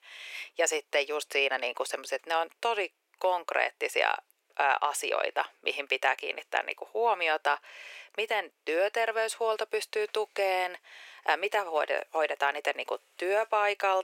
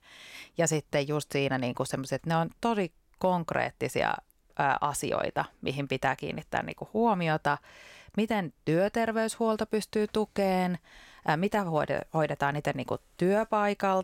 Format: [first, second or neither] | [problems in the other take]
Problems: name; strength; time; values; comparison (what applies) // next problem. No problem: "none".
second | thin; very; fading below 400 Hz